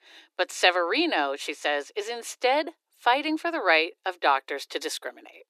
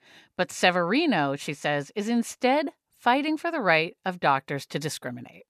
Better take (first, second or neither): second